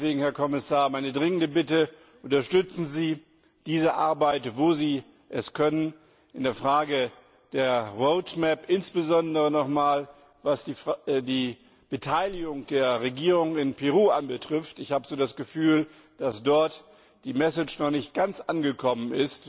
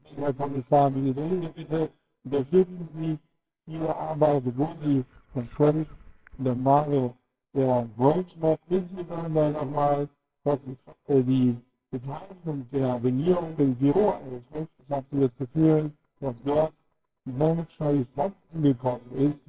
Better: first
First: none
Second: noise reduction (neural separator model SepFormer WHAMR!)

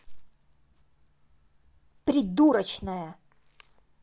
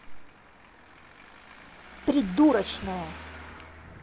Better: first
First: none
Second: background sound (Traffic noise, roadway noise); 16 dB below the speech

